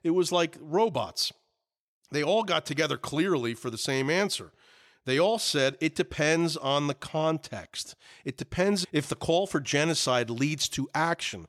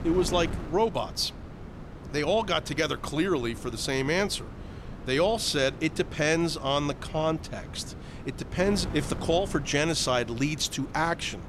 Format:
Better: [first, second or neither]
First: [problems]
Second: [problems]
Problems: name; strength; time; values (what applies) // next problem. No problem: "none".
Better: first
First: none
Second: wind noise on the microphone; occasional gusts; 15 dB below the speech